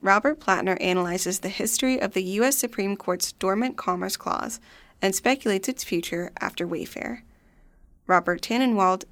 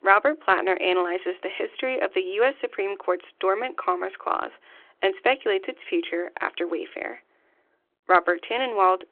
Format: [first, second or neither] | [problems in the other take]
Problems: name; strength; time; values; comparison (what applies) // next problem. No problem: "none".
first | phone-call audio